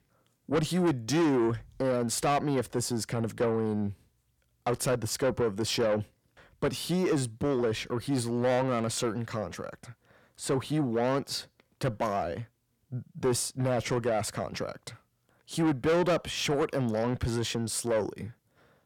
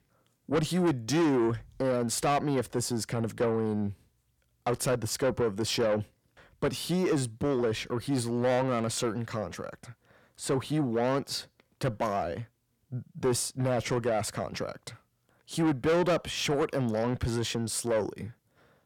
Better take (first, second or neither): neither